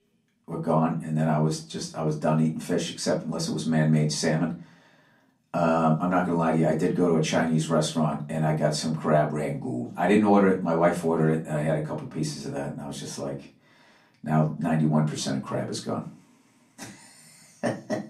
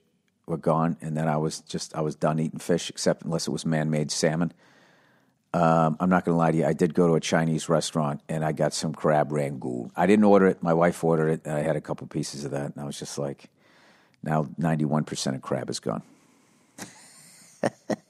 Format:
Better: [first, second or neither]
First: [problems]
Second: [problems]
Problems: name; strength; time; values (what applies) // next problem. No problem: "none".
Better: second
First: off-mic speech; far // room echo; very slight; dies away in 0.3 s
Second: none